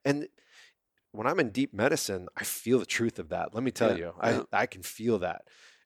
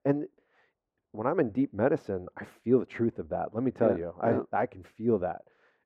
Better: first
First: none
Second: muffled; very; fading above 2.5 kHz

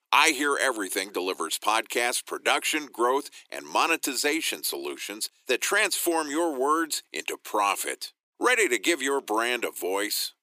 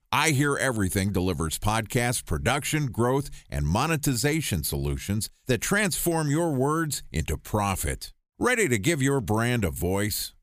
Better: second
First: thin; very; fading below 300 Hz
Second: none

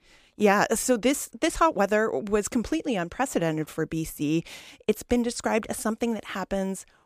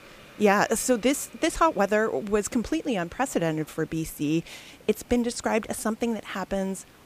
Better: first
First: none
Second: hiss; faint; throughout; 25 dB below the speech

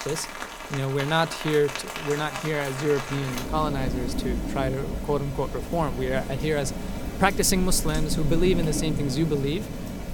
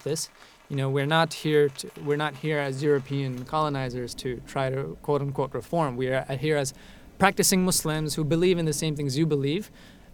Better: second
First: rain or running water; loud; throughout; 6 dB below the speech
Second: rain or running water; faint; throughout; 25 dB below the speech

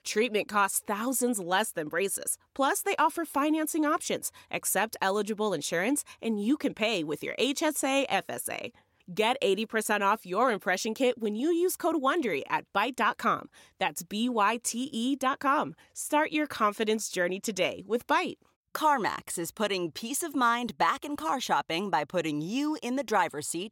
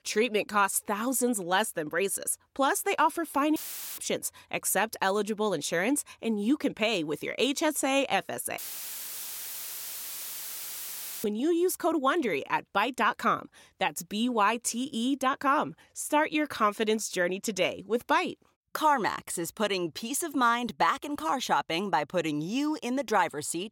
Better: first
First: none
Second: audio cutting out; filled with static; at 3.5 s and at 8.5 s for 2.5 s

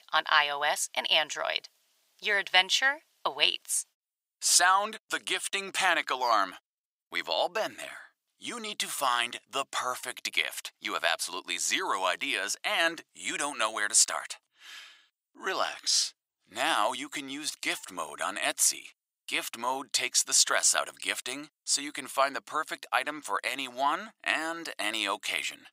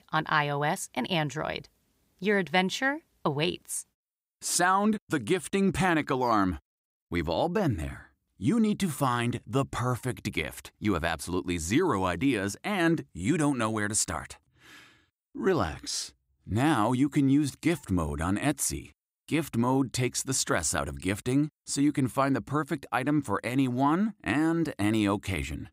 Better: second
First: thin; very; fading below 850 Hz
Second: none

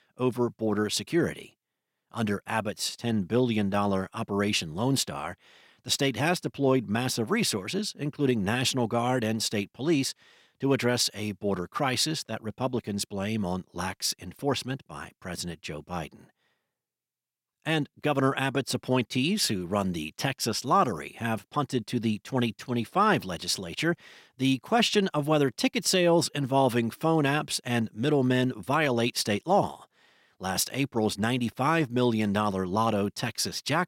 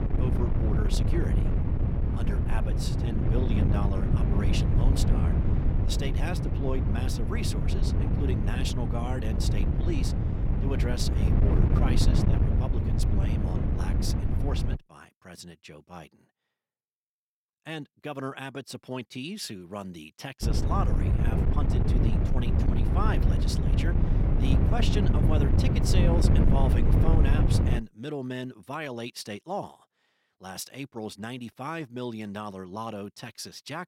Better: first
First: none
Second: wind noise on the microphone; heavy; until 15 s and from 20 to 28 s; as loud as the speech

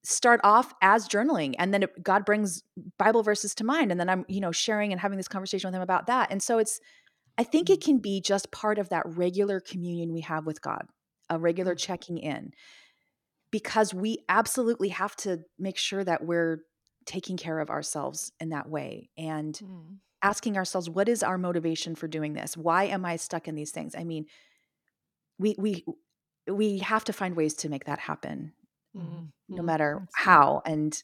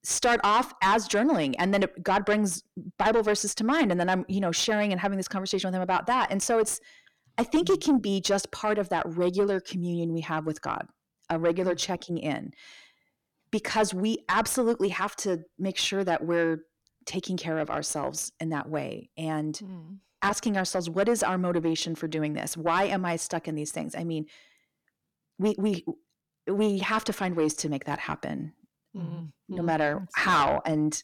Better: first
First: none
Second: distortion; heavy; 8 dB below the speech

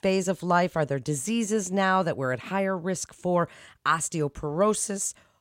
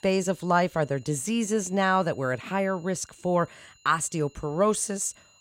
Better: first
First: none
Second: high-pitched whine; faint; throughout; 7 kHz, 30 dB below the speech

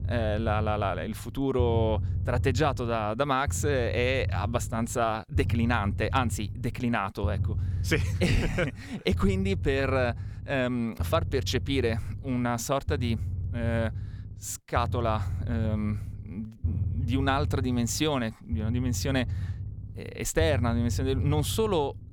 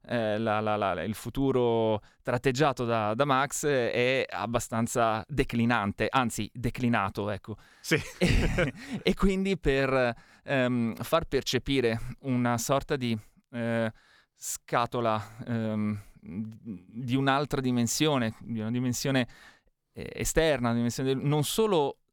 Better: second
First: low rumble; noticeable; throughout; 20 dB below the speech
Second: none

